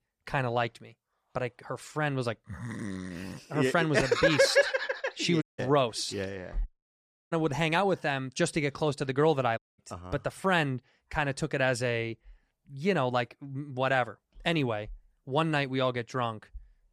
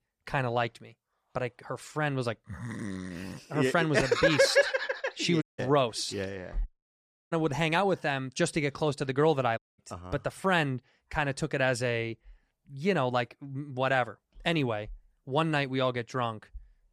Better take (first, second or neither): neither